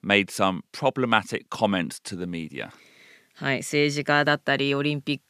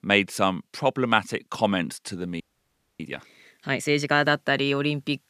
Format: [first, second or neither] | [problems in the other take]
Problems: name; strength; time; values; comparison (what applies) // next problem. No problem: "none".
first | audio freezing; at 2.5 s for 0.5 s